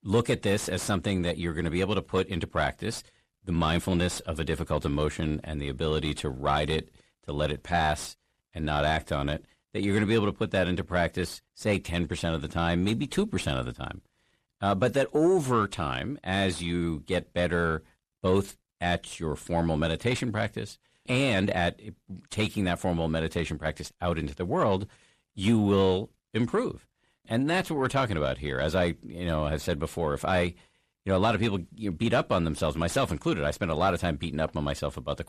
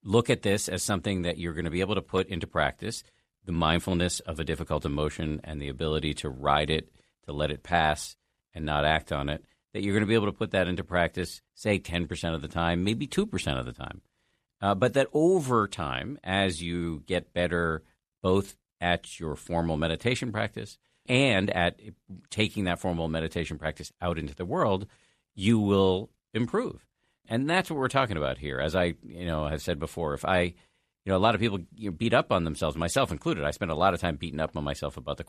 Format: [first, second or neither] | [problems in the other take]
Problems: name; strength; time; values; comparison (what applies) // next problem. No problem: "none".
second | distortion; slight; 10 dB below the speech